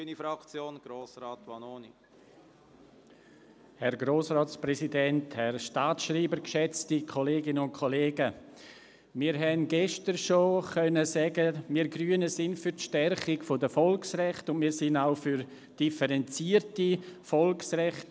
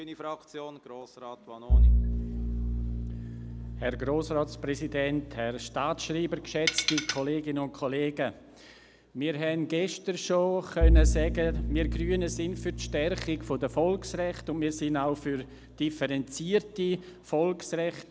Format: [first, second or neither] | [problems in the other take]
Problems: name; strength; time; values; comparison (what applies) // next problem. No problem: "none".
first | background sound (Bowed string instrument + Tools); as loud as the speech